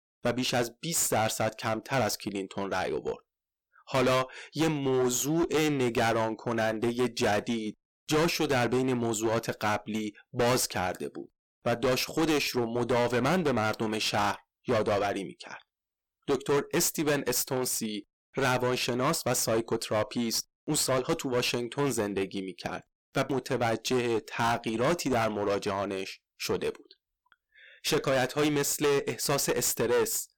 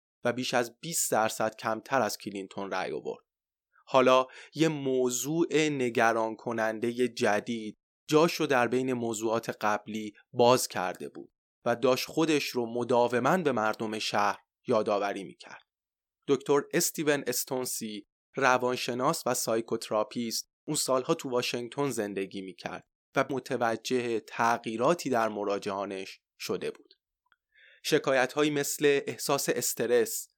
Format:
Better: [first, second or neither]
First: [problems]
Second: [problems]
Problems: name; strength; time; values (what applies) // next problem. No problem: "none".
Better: second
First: distortion; heavy; 13% of the sound clipped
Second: none